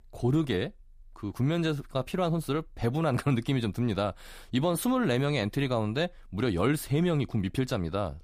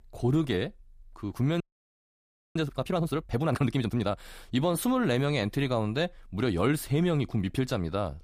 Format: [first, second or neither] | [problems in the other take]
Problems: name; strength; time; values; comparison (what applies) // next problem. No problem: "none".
first | audio freezing; at 1.5 s for 1 s